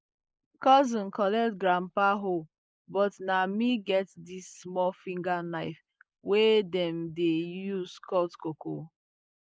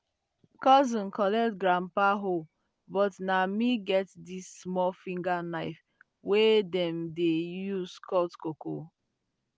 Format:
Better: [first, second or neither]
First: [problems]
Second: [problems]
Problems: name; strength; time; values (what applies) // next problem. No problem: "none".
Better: second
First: noise reduction (neural mask model Resemble Enhance denoiser)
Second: none